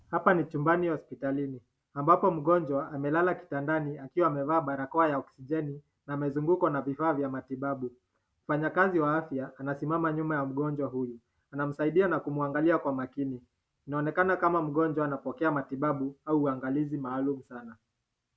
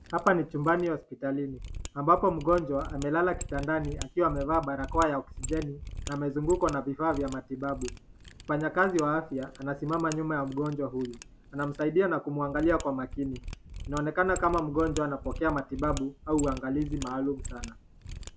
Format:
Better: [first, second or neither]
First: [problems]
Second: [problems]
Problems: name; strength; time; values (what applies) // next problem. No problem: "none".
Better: first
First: none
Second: background sound (Mechanisms); 11 dB below the speech